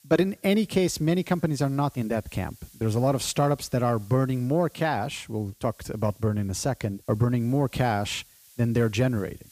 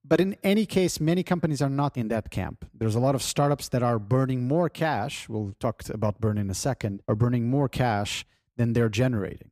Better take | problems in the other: second | hiss; faint; throughout; 25 dB below the speech

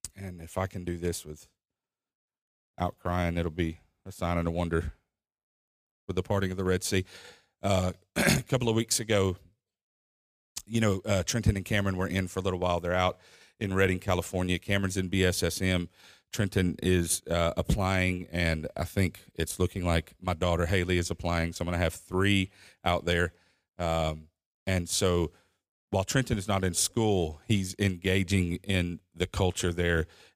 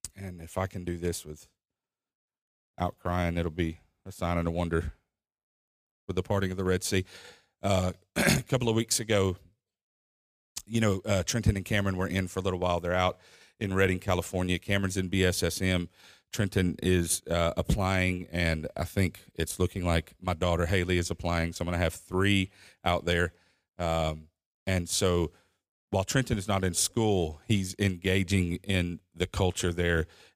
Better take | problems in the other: neither | none

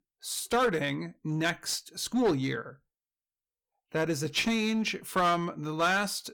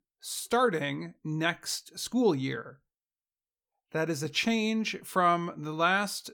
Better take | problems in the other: second | distortion; slight; 6% of the sound clipped

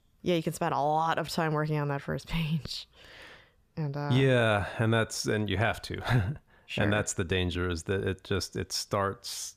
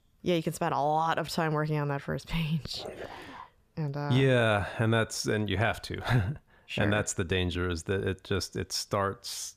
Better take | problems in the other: first | dog barking; faint; at 2.5 s; peak 10 dB below the speech

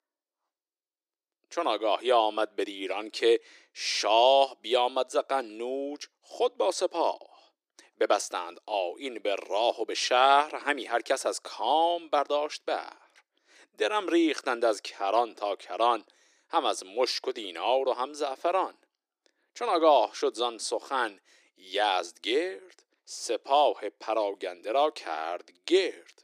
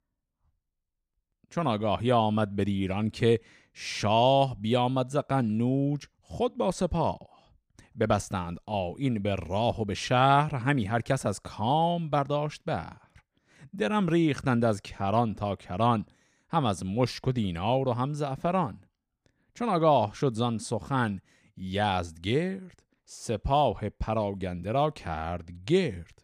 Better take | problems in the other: second | thin; very; fading below 300 Hz

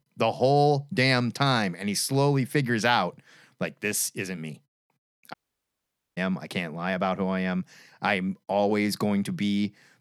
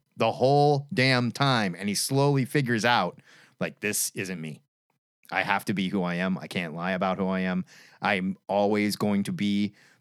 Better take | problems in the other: second | audio cutting out; at 5.5 s for 1 s

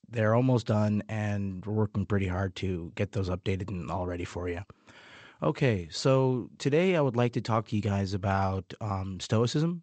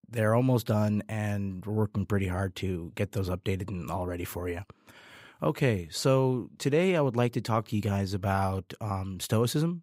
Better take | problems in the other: second | garbled, watery; slightly; nothing above 8 kHz

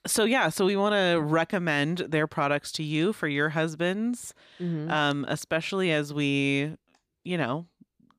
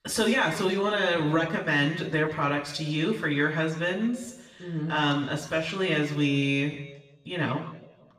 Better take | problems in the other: first | room echo; slight; dies away in 1 s // off-mic speech; far

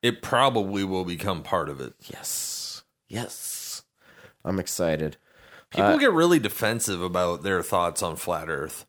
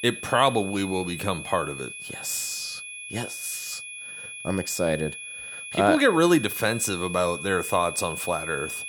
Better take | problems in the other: first | high-pitched whine; loud; throughout; 2.5 kHz, 9 dB below the speech

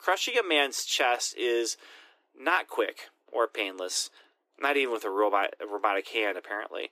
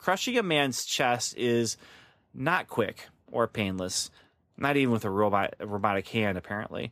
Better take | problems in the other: second | thin; very; fading below 300 Hz

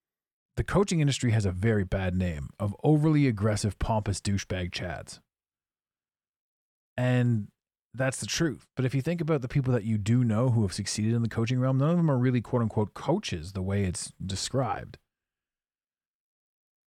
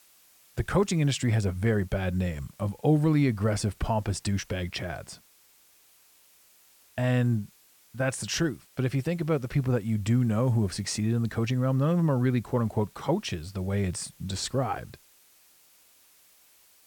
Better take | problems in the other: first | hiss; faint; throughout; 30 dB below the speech

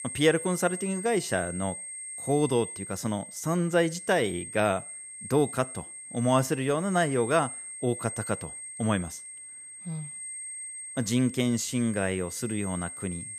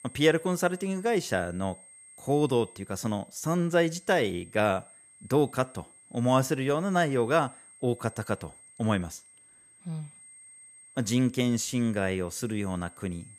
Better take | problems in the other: second | high-pitched whine; loud; throughout; 8.5 kHz, 9 dB below the speech; faint in the second

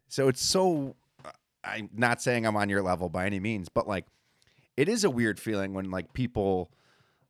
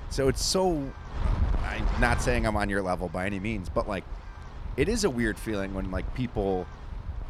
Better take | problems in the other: first | wind noise on the microphone; occasional gusts; 15 dB below the speech

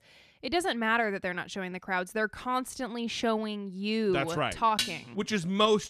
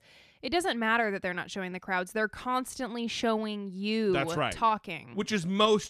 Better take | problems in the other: second | clattering dishes; noticeable; at 5 s; peak 2 dB below the speech

